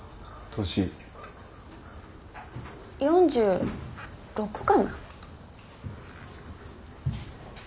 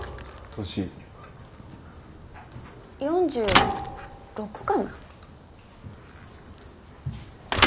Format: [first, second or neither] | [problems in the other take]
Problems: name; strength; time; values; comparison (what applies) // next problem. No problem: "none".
first | background sound (Thump, thud / Bicycle); 1 dB above the speech